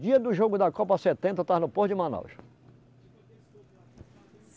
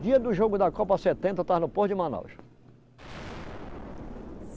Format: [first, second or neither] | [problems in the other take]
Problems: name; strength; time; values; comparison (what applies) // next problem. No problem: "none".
first | background sound (Explosion); 14 dB below the speech